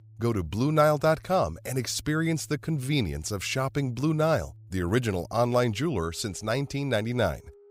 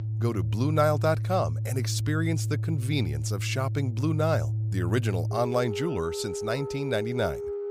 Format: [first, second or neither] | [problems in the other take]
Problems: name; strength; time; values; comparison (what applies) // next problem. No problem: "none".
first | background music; loud; throughout; 2 dB below the speech; faint in the first